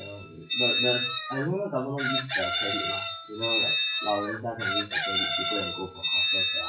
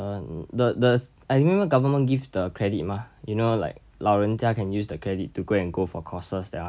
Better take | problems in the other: second | noise reduction (classical method WPE with log-MMSE)

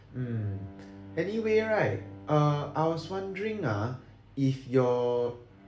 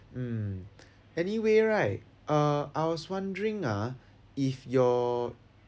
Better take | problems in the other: second | background sound (Bowed string instrument); 20 dB below the speech // room echo; dies away in 0.5 s

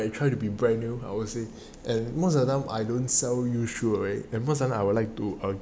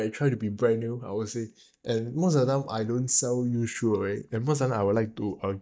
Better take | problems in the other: first | noise reduction (neural mask model DeepFilterNet 3)

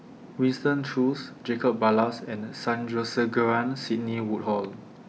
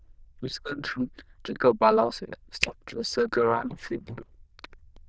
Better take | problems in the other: first | noise reduction (neural diffusion model UNIVERSE++)

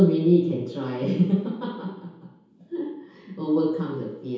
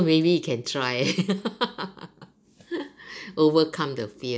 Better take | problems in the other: second | room echo; dies away in 0.8 s

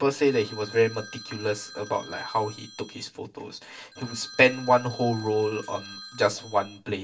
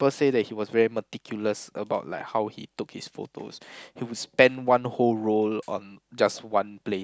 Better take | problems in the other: second | background sound (Telephone); 17 dB below the speech // room echo; dies away in 0.2 s

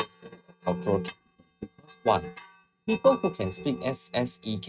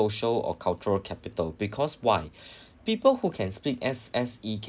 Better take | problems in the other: second | noise reduction (neural mask model RNNoise)

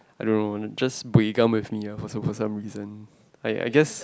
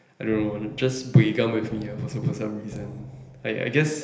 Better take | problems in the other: first | background sound (Drum); 15 dB below the speech // room echo; dies away in 1.4 s

